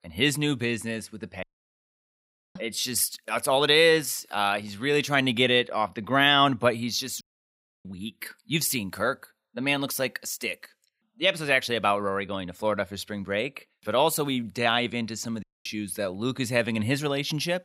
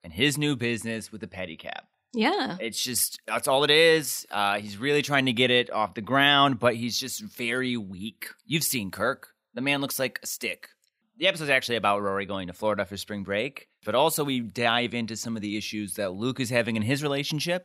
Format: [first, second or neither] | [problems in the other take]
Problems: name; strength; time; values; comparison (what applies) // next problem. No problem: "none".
second | audio cutting out; at 1.5 s for 1 s, at 7 s for 0.5 s and at 15 s